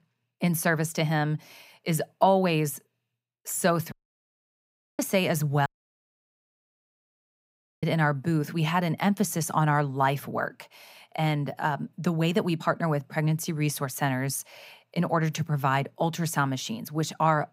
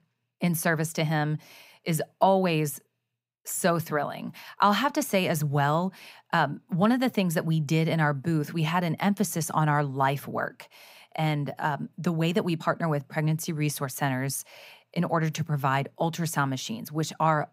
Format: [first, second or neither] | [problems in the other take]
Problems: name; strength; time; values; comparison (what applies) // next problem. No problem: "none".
second | audio cutting out; at 4 s for 1 s and at 5.5 s for 2 s